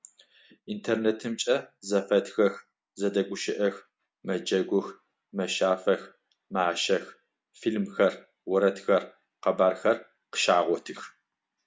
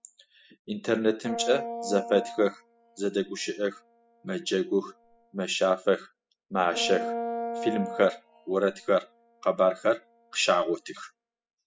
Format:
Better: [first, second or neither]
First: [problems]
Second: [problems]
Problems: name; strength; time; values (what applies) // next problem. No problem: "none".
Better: first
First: none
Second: noise reduction (classical method spectral subtraction)